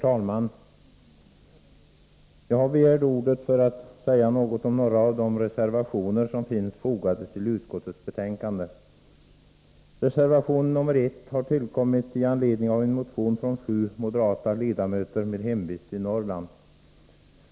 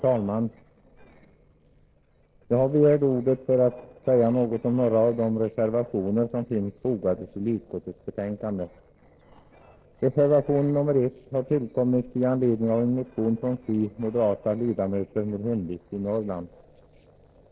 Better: first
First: none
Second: noise reduction (neural separator model SepFormer DNS4)

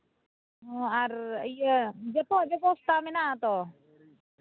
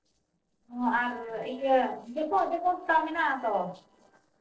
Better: first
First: none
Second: noise reduction (neural separator model SepFormer DNS4)

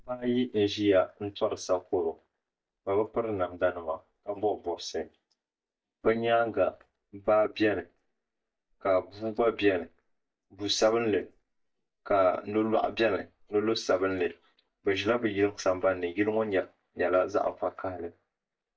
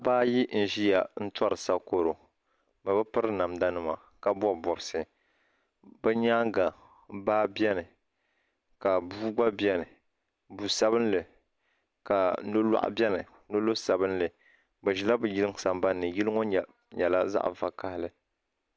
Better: second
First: noise reduction (neural mask model DeepFilterNet 3)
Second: none

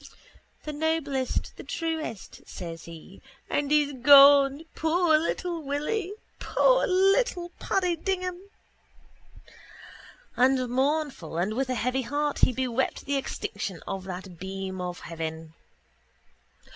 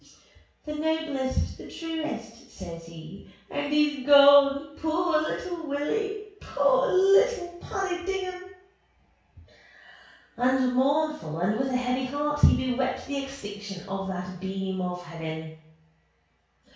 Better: first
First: none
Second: room echo; dies away in 0.6 s

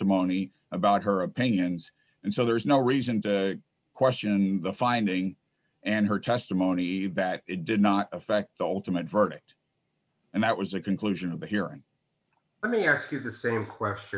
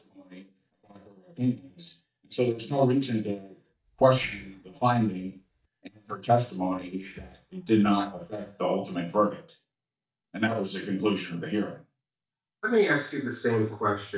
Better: first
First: none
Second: noise reduction (neural mask model DeepFilterNet 3)

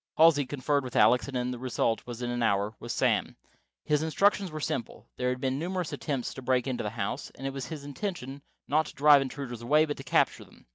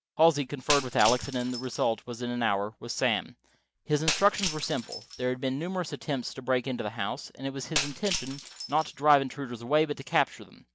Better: first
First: none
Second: background sound (Shatter); 8 dB below the speech

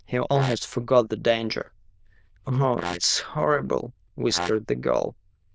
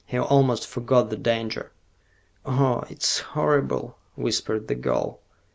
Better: second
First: noise reduction (neural diffusion model UNIVERSE++)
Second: none

